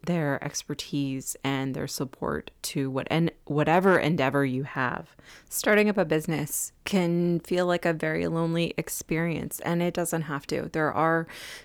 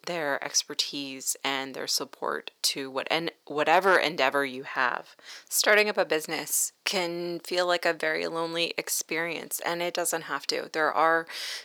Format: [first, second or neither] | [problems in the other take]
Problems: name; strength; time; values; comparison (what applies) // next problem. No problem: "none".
first | thin; somewhat; fading below 500 Hz